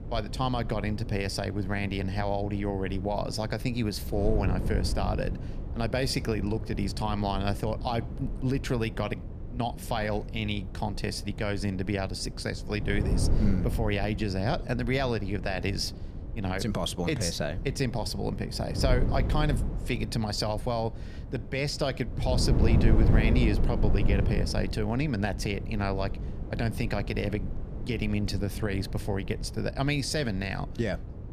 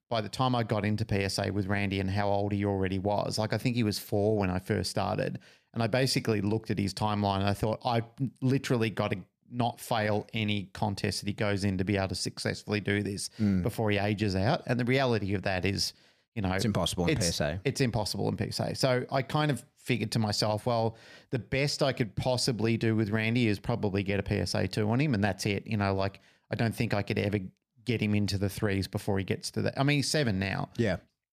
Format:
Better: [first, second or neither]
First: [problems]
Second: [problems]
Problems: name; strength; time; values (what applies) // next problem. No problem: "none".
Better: second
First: wind noise on the microphone; occasional gusts; 10 dB below the speech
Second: none